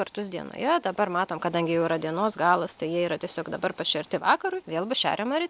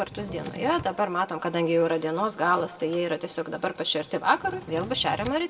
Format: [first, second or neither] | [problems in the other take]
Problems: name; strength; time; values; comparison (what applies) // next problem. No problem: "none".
first | background sound (Drawer open or close); 17 dB below the speech // room echo; dies away in 0.6 s